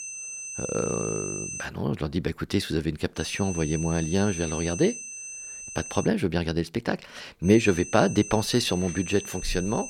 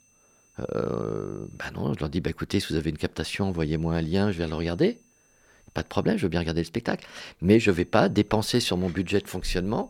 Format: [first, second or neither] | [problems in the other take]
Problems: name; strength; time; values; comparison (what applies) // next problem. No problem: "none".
second | high-pitched whine; loud; until 1.5 s, from 3 to 6 s and from 7.5 s on; 6 kHz, 9 dB below the speech; faint in the second